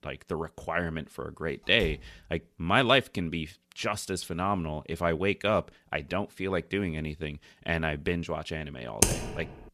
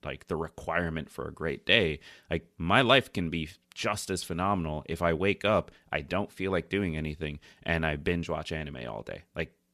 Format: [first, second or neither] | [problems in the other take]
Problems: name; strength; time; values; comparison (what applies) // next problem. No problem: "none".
second | door banging; faint; at 2 s; peak 10 dB below the speech // keyboard typing; loud; at 9 s; peak 5 dB above the speech